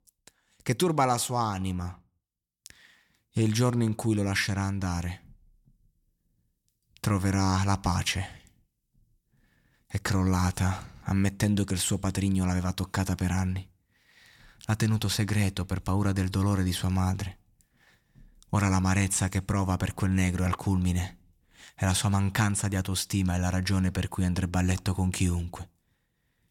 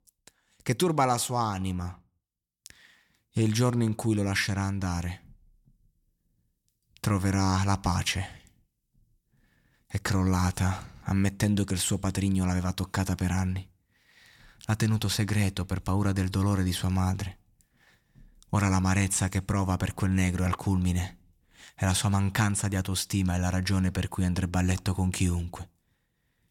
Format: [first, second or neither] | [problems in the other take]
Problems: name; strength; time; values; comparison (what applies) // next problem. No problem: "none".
neither | none